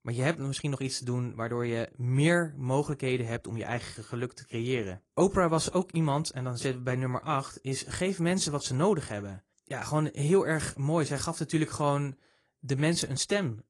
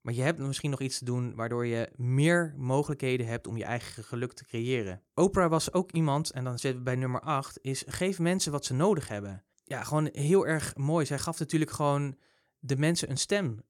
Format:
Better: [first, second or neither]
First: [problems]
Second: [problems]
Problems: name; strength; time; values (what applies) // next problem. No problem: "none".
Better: second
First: garbled, watery; slightly; nothing above 10.5 kHz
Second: none